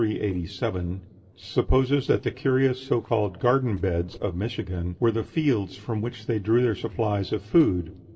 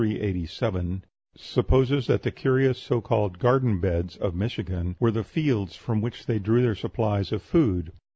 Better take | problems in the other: second | noise reduction (neural separator model SepFormer DNS4)

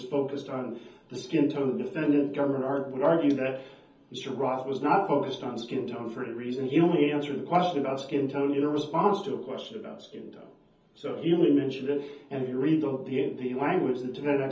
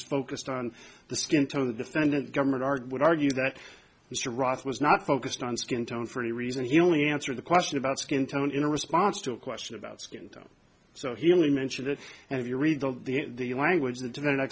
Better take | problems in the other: second | room echo; dies away in 0.7 s

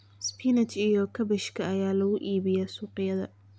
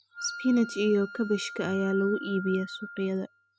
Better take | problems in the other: first | noise reduction (classical method spectral subtraction)

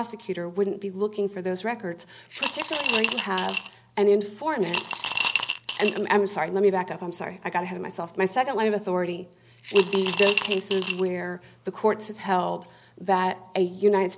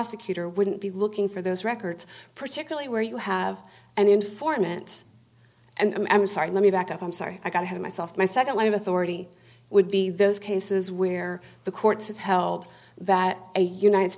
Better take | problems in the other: second | background sound (Coin (dropping) / Glass); 4 dB below the speech

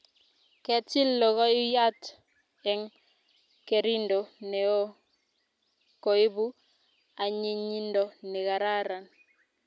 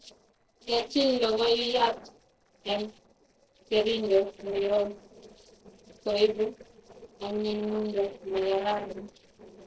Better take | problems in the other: first | noise reduction (neural separator model SepFormer DNS4)

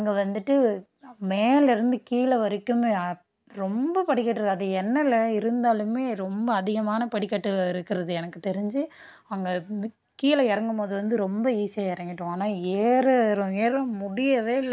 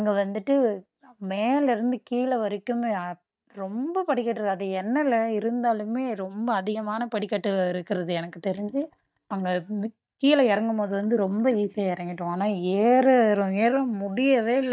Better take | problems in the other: first | noise reduction (neural mask model DeepFilterNet 3)

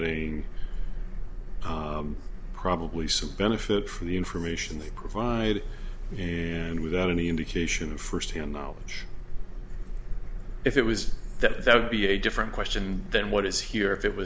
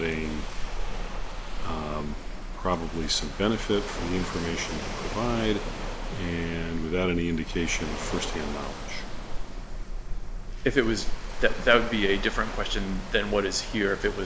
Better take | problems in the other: first | background sound (Waves, surf); 12 dB below the speech

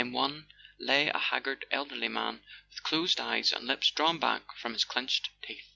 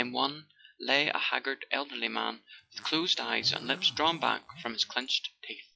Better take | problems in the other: first | noise reduction (classical method log-MMSE)

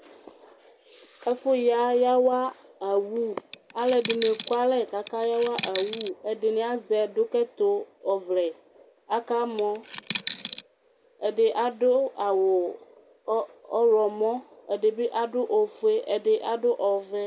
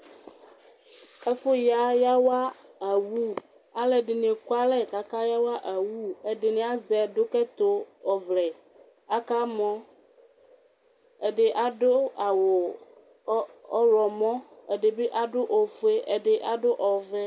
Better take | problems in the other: second | background sound (Coin (dropping)); 11 dB below the speech

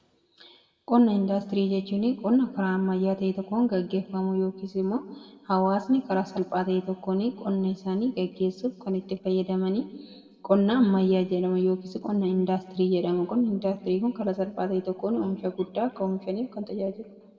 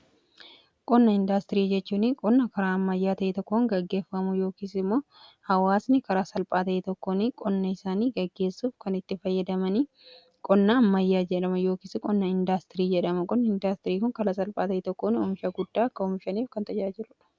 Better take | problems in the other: second | room echo; dies away in 1.1 s

